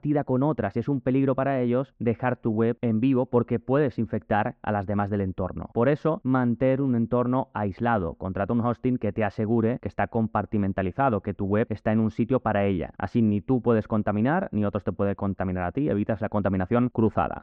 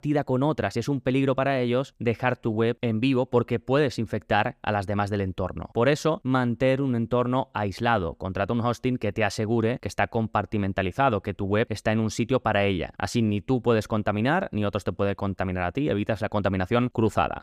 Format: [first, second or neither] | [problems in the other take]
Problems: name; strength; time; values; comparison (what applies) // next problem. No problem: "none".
second | muffled; very; fading above 1.5 kHz